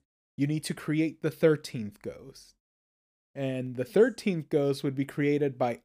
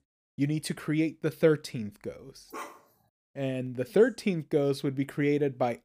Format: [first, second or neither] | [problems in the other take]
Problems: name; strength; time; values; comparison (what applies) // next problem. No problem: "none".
first | dog barking; faint; at 2.5 s; peak 15 dB below the speech